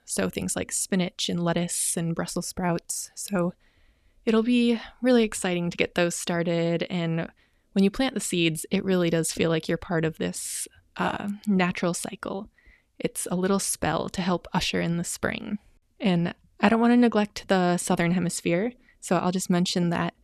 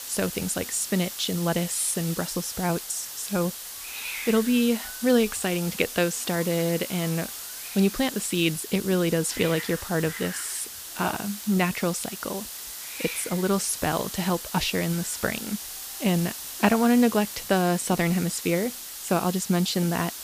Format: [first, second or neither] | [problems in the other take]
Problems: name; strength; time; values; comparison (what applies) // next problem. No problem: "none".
first | hiss; loud; throughout; 8 dB below the speech